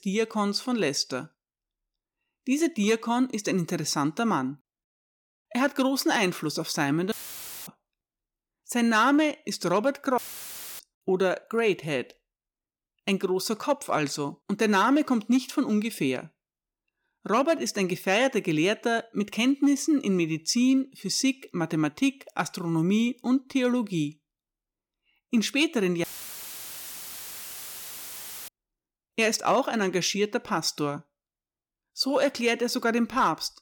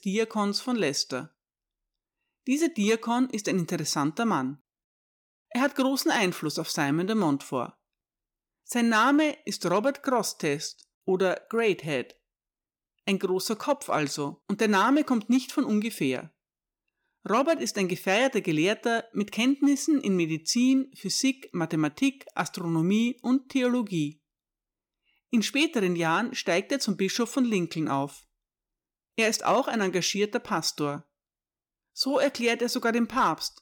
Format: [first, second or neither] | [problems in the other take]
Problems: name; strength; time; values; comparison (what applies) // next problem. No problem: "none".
second | audio cutting out; filled with static; at 7 s for 0.5 s, at 10 s for 0.5 s and at 26 s for 2.5 s